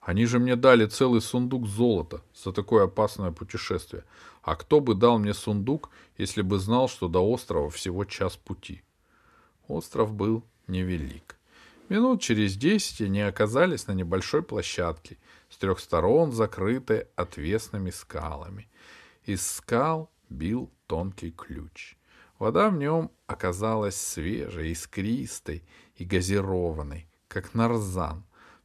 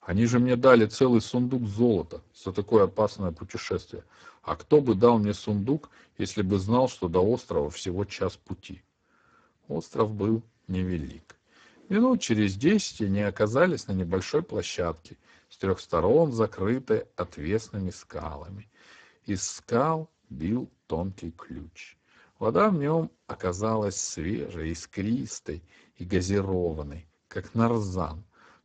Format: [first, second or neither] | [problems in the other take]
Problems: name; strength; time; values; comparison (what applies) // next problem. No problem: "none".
first | garbled, watery; badly; nothing above 7.5 kHz